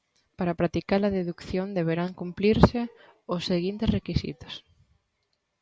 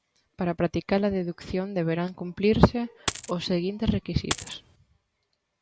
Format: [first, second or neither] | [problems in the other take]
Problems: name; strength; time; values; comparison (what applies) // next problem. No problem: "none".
first | background sound (Coin (dropping)); 6 dB below the speech